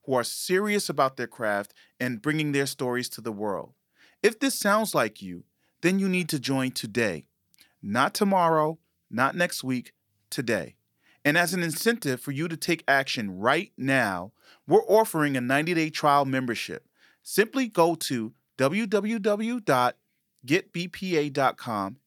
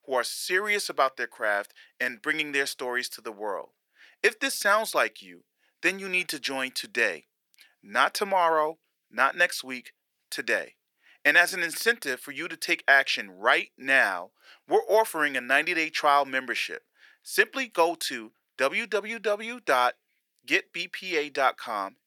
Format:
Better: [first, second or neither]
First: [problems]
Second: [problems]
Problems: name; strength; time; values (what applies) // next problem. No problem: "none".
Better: first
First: none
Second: thin; somewhat; fading below 500 Hz